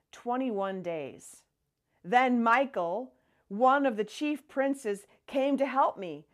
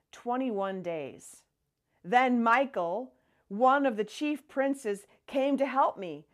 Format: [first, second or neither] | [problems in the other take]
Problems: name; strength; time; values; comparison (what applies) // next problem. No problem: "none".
neither | none